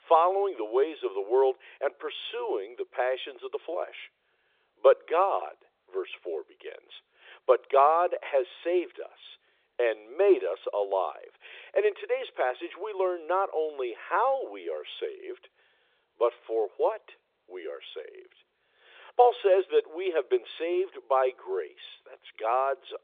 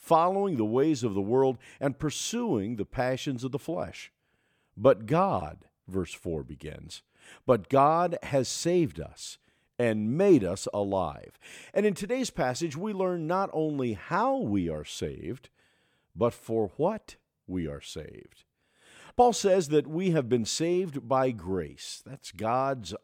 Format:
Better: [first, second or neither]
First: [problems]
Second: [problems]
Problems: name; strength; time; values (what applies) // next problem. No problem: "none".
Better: second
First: phone-call audio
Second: none